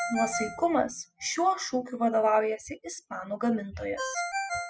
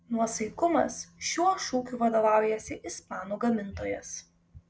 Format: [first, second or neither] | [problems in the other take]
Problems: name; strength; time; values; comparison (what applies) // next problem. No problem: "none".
second | noise reduction (classical method spectral subtraction)